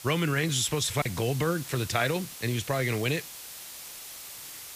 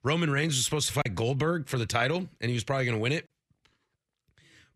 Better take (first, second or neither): second